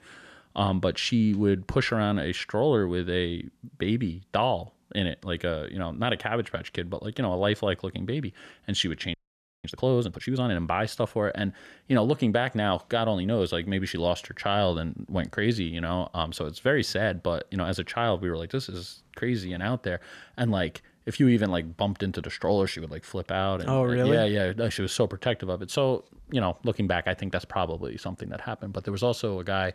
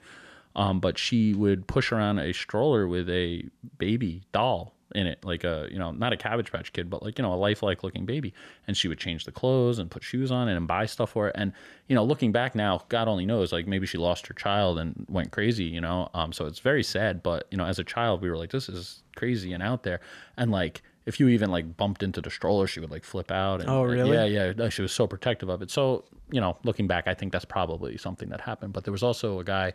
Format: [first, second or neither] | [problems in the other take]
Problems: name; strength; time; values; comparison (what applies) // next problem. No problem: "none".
second | audio freezing; at 9 s for 0.5 s